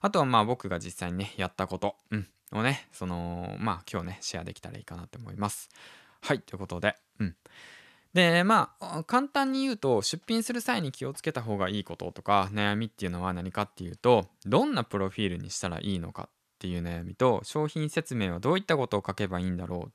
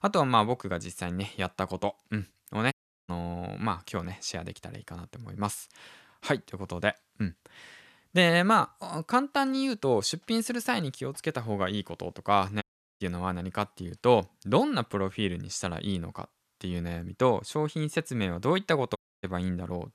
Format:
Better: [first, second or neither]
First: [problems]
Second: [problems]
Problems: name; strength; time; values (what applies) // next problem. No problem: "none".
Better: first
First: none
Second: audio cutting out; at 2.5 s, at 13 s and at 19 s